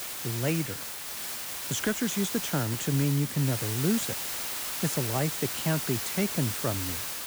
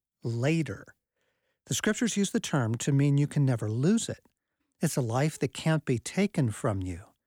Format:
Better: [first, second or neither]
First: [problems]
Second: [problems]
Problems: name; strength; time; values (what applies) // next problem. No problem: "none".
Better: second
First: hiss; loud; throughout; 2 dB below the speech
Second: none